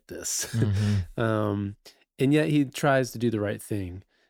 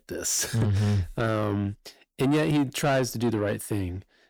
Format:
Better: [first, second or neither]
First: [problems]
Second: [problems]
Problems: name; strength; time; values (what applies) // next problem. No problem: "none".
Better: first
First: none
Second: distortion; slight; 10 dB below the speech